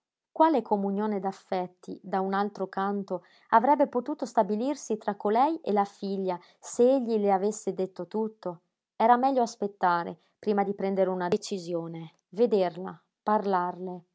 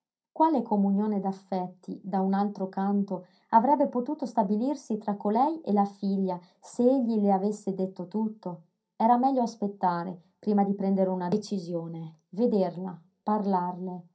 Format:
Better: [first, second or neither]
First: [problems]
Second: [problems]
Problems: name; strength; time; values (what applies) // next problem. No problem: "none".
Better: first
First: none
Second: room echo; dies away in 0.3 s